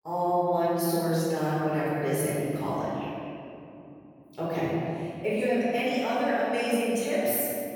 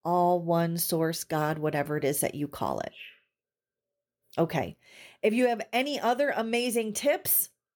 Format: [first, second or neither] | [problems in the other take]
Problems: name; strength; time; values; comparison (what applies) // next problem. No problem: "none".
second | room echo; strong; dies away in 2.6 s // off-mic speech; far